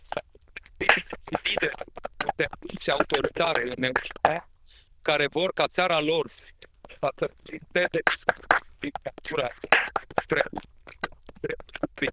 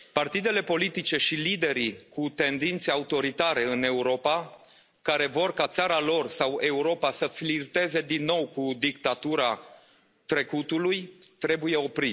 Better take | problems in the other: second | noise reduction (neural diffusion model UNIVERSE++)

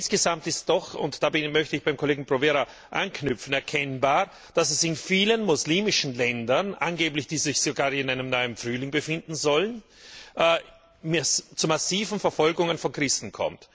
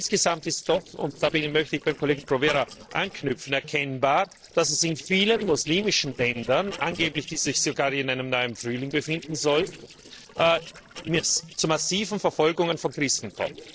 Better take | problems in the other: first | noise reduction (neural separator model SepFormer DNS4)

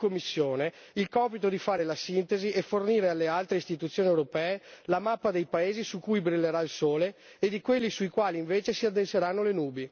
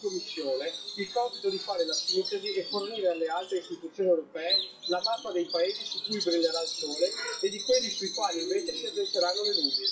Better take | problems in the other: first | noise reduction (classical method WPE with log-MMSE)

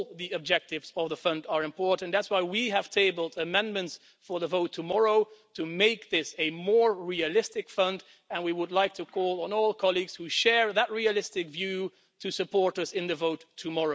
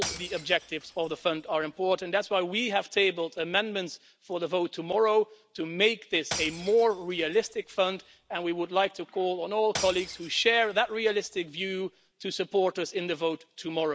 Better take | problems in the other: first | background sound (Shatter / Crushing); 14 dB below the speech

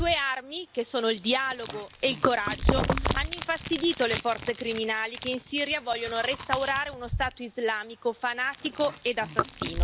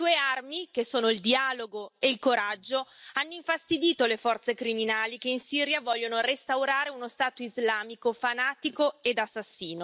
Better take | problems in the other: second | background sound (Chewing, mastication); 4 dB below the speech

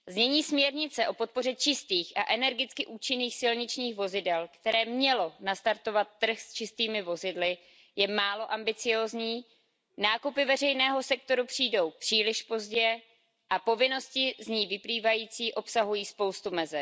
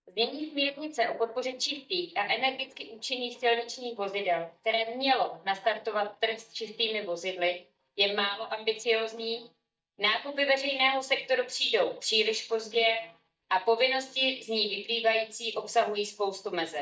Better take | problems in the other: first | noise reduction (neural mask model DeepFilterNet 3)

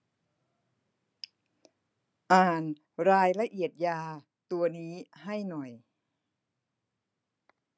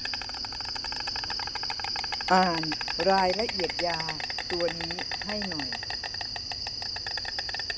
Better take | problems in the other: first | background sound (Insect); as loud as the speech

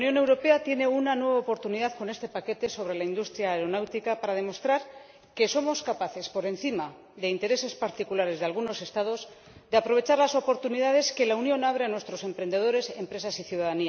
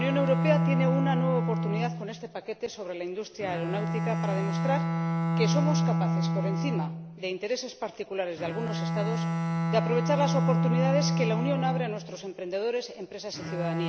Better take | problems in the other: first | background sound (Bowed string instrument); 3 dB above the speech

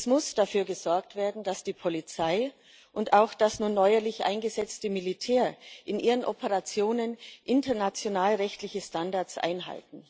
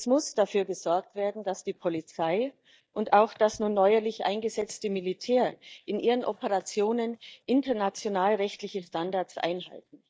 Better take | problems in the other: first | noise reduction (neural mask model DeepFilterNet 3)

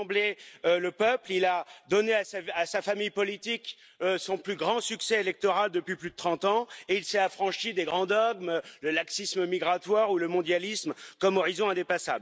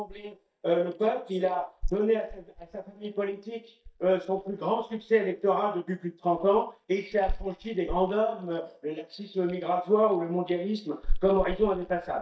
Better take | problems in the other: first | noise reduction (neural mask model DeepFilterNet 3)

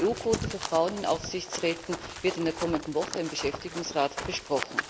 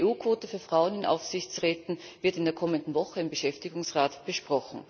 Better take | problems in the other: second | background sound (Run); 7 dB below the speech

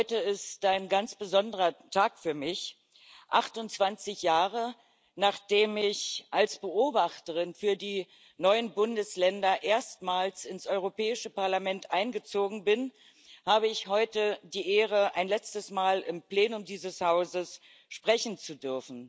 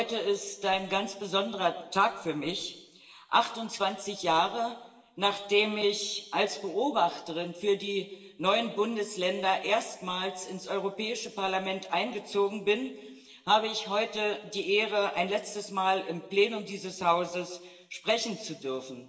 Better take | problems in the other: first | room echo; dies away in 1 s

